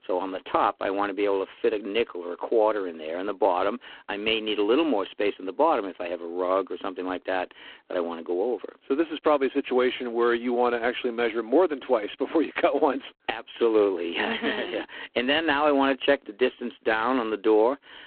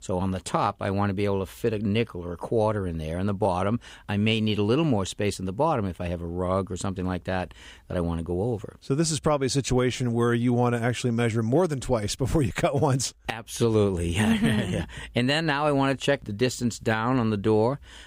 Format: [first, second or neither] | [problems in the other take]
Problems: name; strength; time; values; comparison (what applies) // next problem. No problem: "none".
second | phone-call audio; poor line